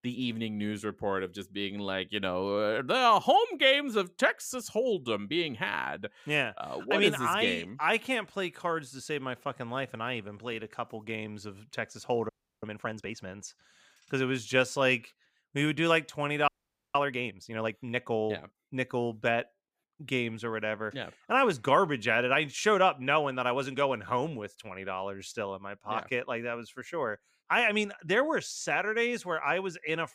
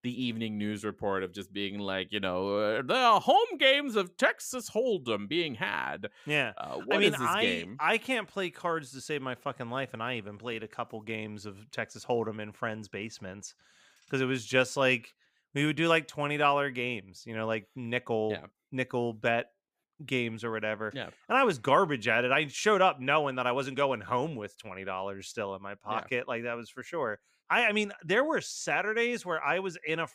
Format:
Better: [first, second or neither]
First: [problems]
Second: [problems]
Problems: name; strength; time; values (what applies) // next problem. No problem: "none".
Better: second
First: audio freezing; at 12 s and at 16 s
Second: none